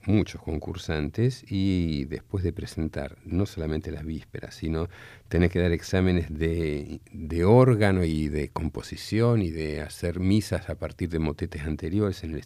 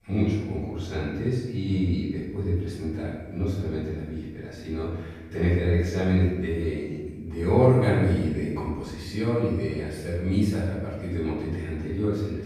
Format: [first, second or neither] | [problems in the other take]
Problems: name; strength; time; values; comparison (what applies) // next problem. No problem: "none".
first | off-mic speech; far // room echo; strong; dies away in 1.1 s